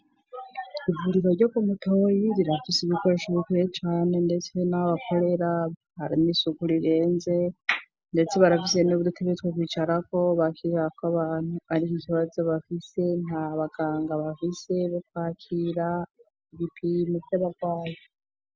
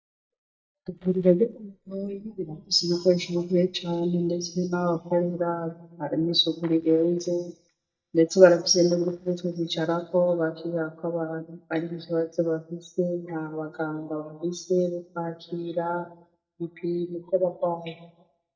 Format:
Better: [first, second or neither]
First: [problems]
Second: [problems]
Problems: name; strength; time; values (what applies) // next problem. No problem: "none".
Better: first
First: none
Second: noise reduction (neural mask model DeepFilterNet 3)